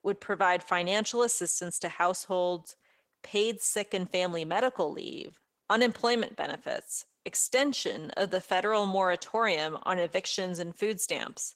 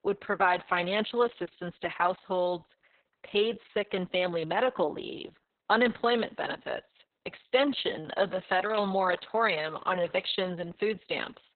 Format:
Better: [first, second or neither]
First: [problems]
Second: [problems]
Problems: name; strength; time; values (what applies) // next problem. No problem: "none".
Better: first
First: garbled, watery; slightly; nothing above 16 kHz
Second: garbled, watery; badly; nothing above 4 kHz